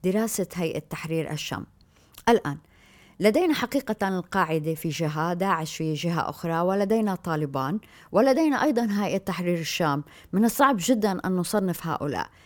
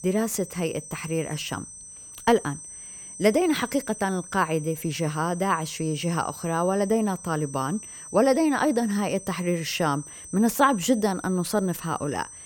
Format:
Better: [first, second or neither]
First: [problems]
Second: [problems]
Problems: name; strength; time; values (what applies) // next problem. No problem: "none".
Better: first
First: none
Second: high-pitched whine; noticeable; throughout; 8.5 kHz, 15 dB below the speech